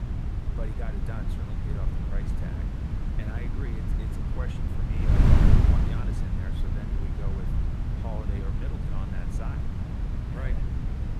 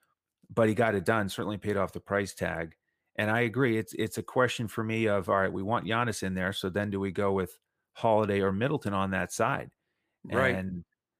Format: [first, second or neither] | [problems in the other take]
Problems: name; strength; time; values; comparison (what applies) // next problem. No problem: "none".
second | wind noise on the microphone; heavy; 5 dB above the speech